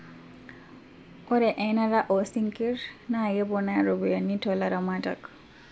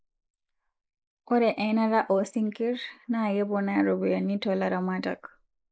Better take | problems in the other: first | noise reduction (neural mask model Resemble Enhance denoiser)

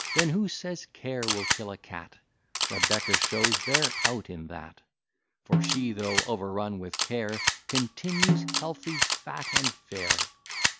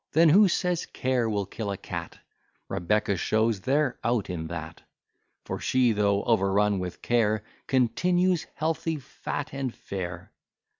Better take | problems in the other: second | background sound (Camera + Snare drum); 3 dB above the speech

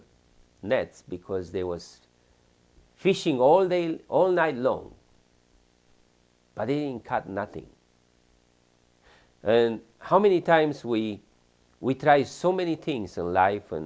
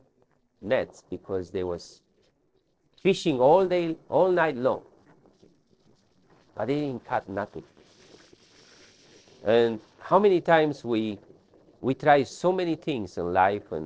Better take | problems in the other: first | noise reduction (neural separator model SepFormer DNS4)

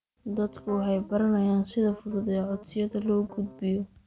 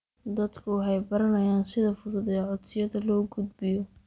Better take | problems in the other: second | background sound (Piano); 19 dB below the speech

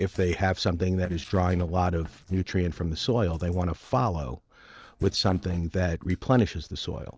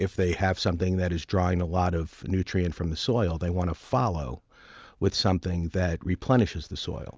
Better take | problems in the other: second | noise reduction (neural separator model SepFormer DNS4)

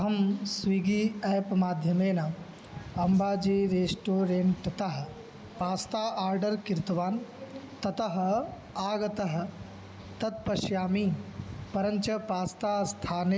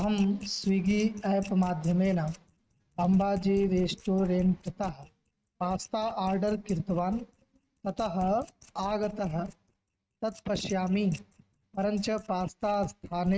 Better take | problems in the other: first | noise reduction (neural mask model RNNoise)

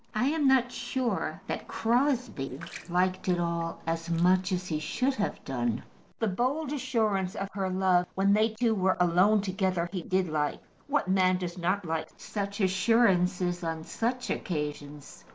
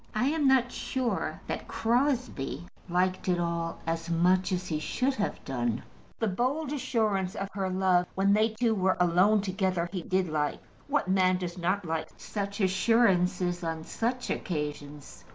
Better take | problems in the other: second | noise reduction (neural separator model SepFormer DNS4)

